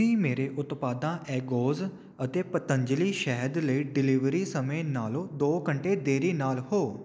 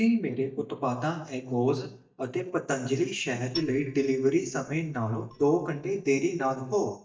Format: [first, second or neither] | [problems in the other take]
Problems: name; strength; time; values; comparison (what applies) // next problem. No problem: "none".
first | noise reduction (neural mask model DeepFilterNet 3)